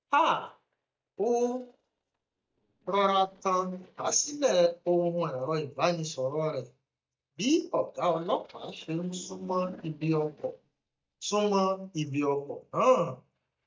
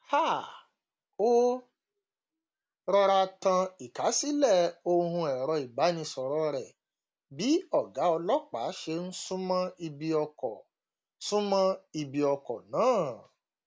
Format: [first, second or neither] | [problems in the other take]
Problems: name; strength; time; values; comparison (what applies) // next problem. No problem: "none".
second | noise reduction (neural mask model DeepFilterNet 3)